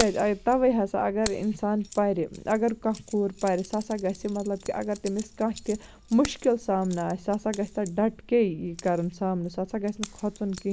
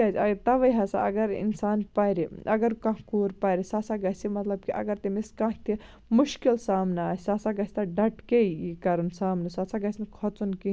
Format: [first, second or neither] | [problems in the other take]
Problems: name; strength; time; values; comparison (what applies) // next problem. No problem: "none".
second | background sound (Keys jangling); 16 dB below the speech